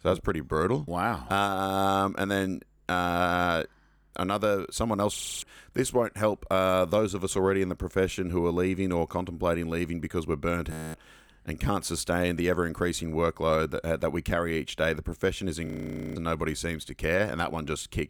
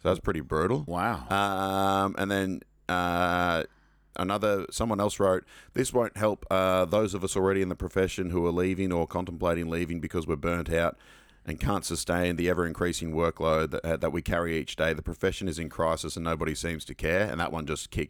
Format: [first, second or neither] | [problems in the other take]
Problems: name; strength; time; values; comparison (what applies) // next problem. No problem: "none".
second | audio freezing; at 5 s, at 11 s and at 16 s